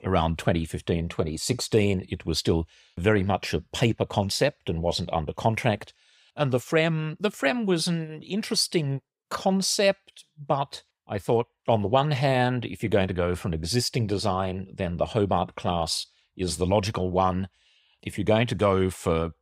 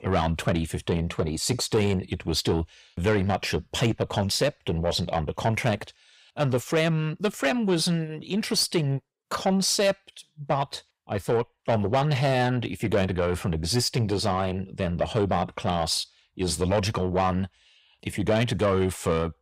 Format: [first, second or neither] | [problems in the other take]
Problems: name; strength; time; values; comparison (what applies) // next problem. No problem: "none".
first | distortion; slight; 10 dB below the speech